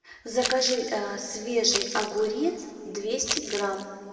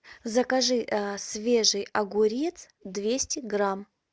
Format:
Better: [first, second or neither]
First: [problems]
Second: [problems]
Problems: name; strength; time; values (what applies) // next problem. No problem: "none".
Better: second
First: background sound (Crumpling, crinkling); 6 dB below the speech // room echo; dies away in 1.9 s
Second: none